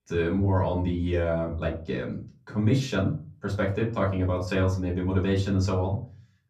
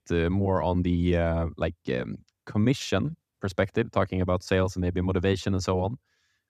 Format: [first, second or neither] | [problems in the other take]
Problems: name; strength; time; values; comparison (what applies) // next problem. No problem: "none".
second | off-mic speech; far // room echo; very slight; dies away in 0.3 s